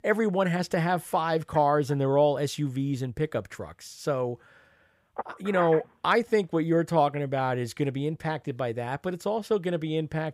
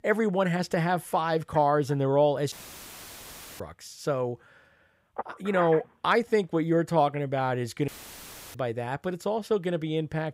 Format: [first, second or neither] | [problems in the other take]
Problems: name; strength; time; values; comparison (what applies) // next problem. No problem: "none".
first | audio cutting out; filled with static; at 2.5 s for 1 s and at 8 s for 0.5 s